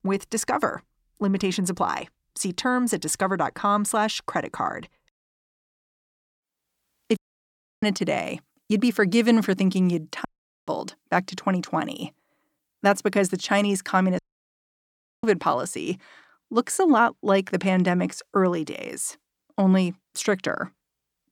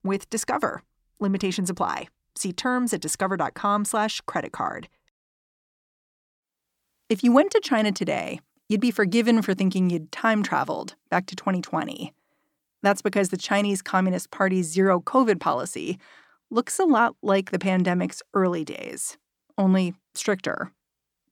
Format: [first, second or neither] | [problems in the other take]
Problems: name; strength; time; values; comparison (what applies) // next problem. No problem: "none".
second | audio cutting out; at 7 s for 0.5 s, at 10 s and at 14 s for 1 s